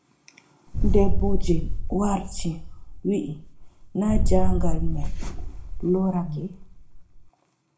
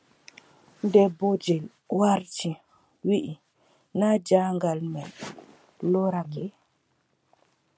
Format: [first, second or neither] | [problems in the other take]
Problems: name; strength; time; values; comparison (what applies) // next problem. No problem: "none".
second | background sound (Boom); 5 dB above the speech // room echo; dies away in 0.4 s